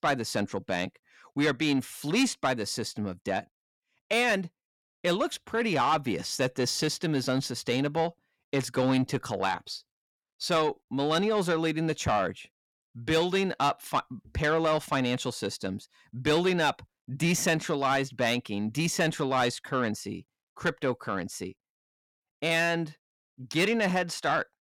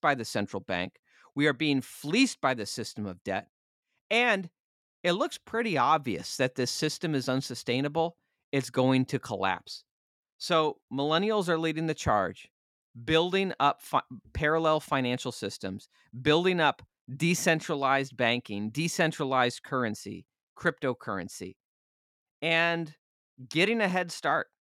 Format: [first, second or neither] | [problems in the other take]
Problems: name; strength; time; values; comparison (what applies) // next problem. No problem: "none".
second | distortion; slight; 10 dB below the speech